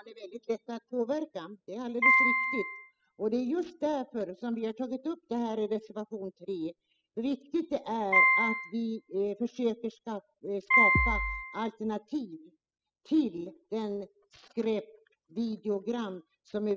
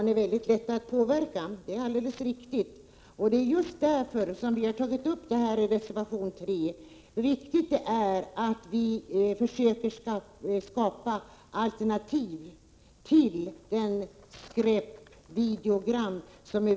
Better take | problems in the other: second | noise reduction (classical method spectral subtraction)

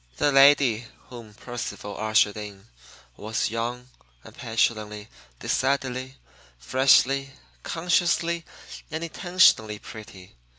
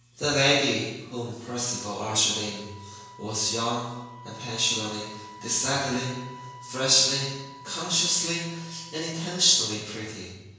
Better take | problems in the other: first | background sound (Wind instrument, woodwind instrument); 19 dB below the speech // room echo; dies away in 1 s

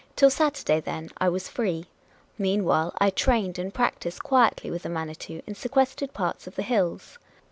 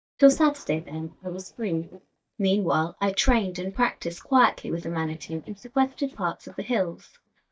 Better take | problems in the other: first | noise reduction (neural mask model DeepFilterNet 3)

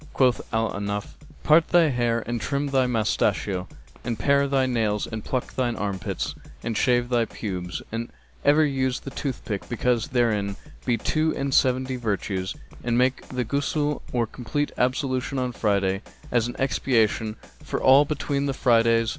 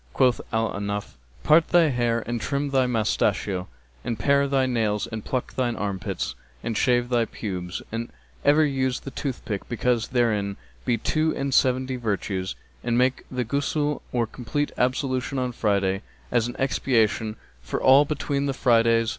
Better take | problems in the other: second | background sound (Walk, footsteps + Drum kit); 18 dB below the speech

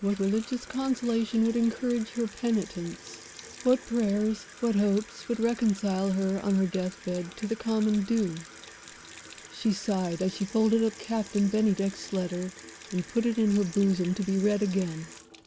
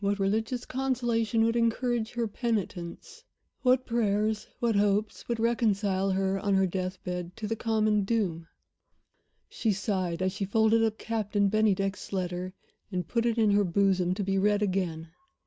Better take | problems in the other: second | background sound (Sink (filling or washing) / Water tap, faucet); 18 dB below the speech

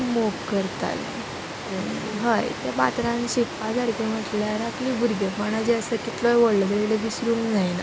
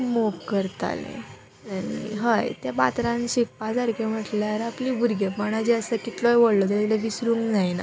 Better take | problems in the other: second | background sound (Water); 9 dB below the speech

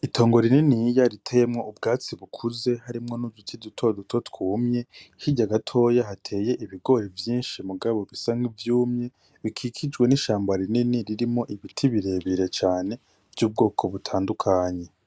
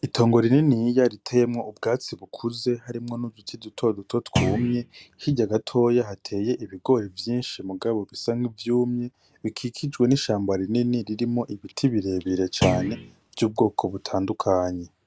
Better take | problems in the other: first | background sound (Thump, thud); 2 dB below the speech

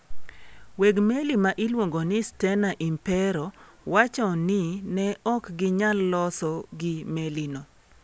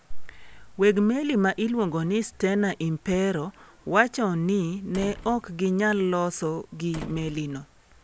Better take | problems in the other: first | background sound (Slam); 19 dB below the speech

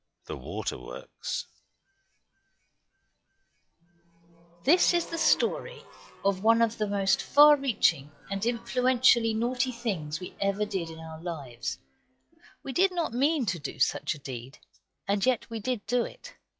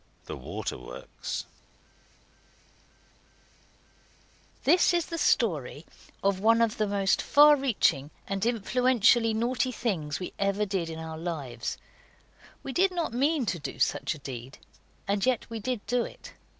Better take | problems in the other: second | noise reduction (classical method log-MMSE)

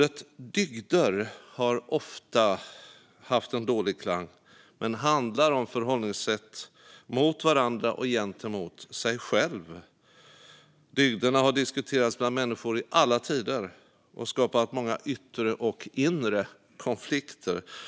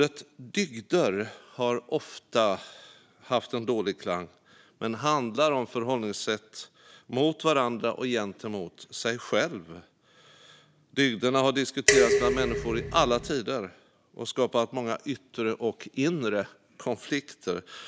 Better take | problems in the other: first | background sound (Dishes, pots, and pans); 3 dB above the speech

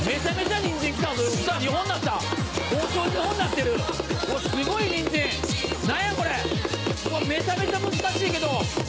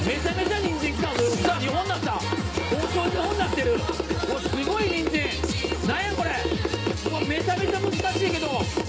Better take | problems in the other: first | background sound (Skateboard); 11 dB below the speech // room echo; dies away in 0.3 s

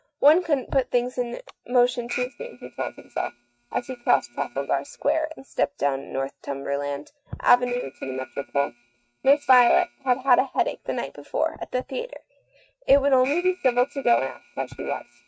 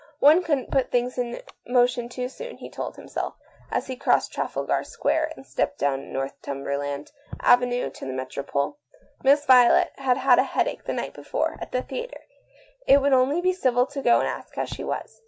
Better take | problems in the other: second | noise reduction (neural mask model RNNoise)

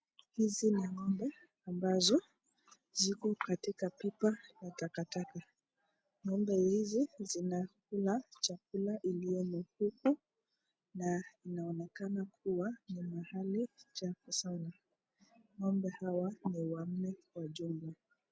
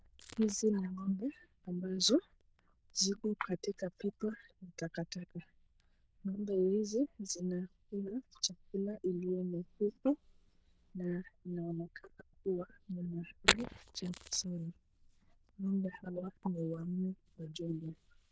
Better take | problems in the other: first | noise reduction (neural diffusion model UNIVERSE++)

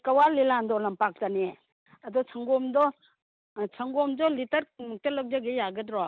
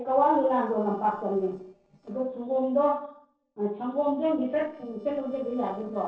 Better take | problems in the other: first | noise reduction (neural separator model SepFormer DNS4)

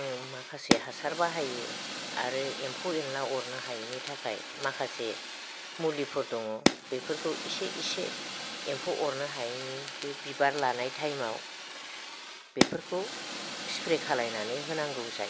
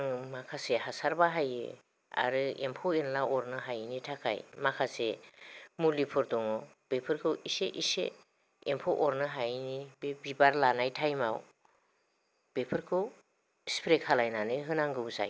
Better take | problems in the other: second | background sound (Fire); 2 dB below the speech

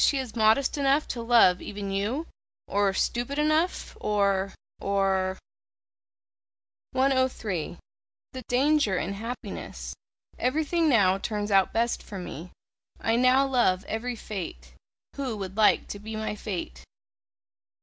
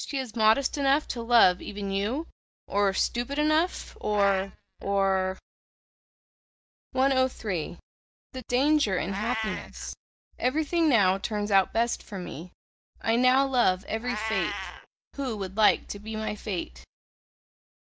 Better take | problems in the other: first | noise reduction (neural mask model DeepFilterNet 3)

